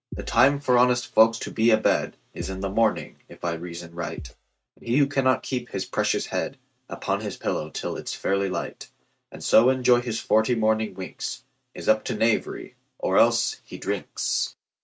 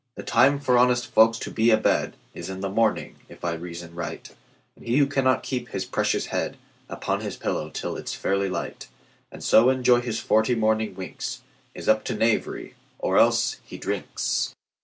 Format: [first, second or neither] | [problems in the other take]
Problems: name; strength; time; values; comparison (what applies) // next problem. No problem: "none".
second | noise reduction (neural mask model RNNoise)